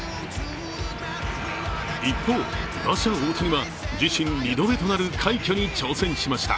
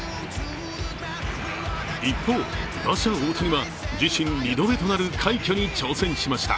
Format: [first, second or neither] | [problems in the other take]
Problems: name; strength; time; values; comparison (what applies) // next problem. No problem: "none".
second | background sound (Wind instrument, woodwind instrument); 14 dB below the speech